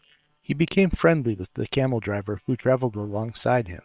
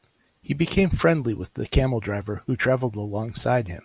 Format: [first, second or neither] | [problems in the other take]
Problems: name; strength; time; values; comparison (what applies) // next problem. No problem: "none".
second | noise reduction (neural separator model SepFormer WHAM!)